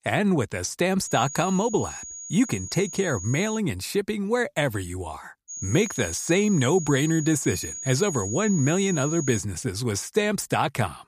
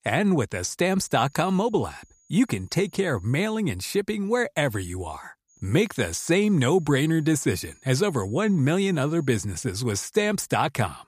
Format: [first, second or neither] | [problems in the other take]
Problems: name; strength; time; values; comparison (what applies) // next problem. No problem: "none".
second | high-pitched whine; loud; from 1 to 3.5 s and from 5.5 to 9.5 s; 6.5 kHz, 9 dB below the speech; faint in the second